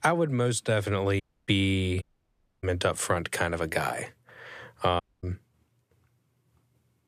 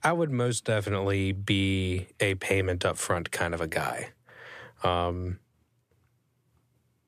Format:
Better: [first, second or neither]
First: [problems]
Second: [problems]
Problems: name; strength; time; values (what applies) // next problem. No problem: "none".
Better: second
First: audio cutting out; at 1 s, at 2 s for 0.5 s and at 5 s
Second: none